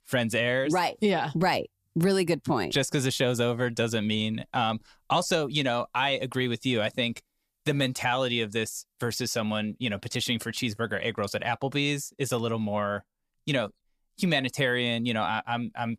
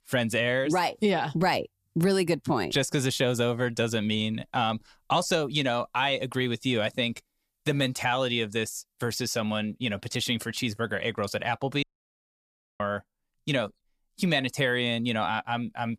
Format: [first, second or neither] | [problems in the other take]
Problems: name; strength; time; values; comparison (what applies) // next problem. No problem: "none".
first | audio cutting out; at 12 s for 1 s